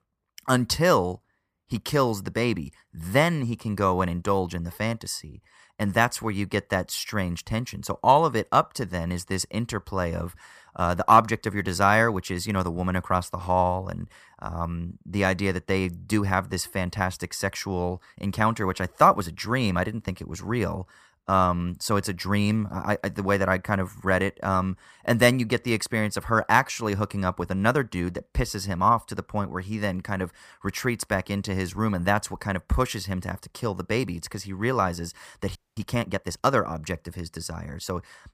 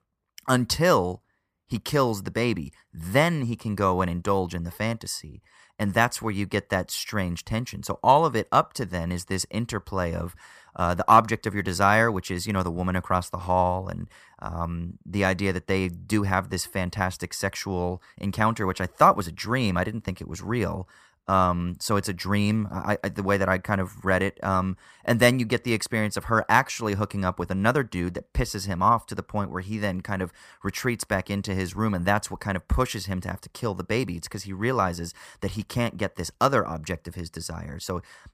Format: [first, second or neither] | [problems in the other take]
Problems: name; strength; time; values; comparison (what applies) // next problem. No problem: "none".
second | audio freezing; at 36 s